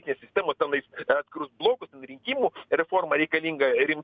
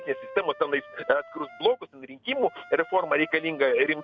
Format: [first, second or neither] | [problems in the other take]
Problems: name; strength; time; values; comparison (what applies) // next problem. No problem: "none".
first | background sound (Wind instrument, woodwind instrument); 19 dB below the speech